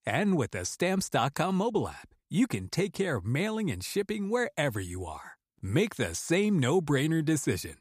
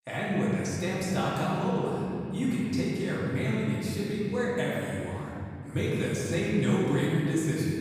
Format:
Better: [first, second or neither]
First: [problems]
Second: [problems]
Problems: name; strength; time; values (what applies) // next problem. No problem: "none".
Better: first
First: none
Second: room echo; strong; dies away in 3 s // off-mic speech; far